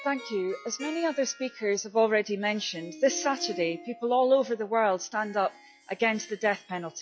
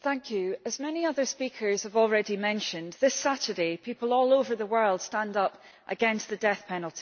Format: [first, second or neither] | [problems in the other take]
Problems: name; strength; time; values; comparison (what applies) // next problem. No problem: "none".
second | noise reduction (classical method log-MMSE)